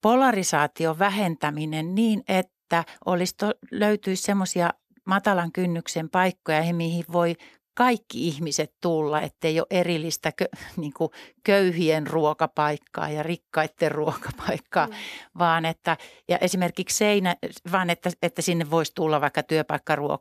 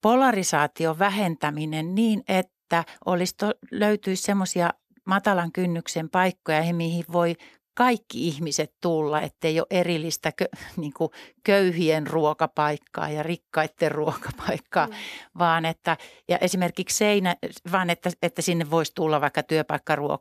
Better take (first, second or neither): neither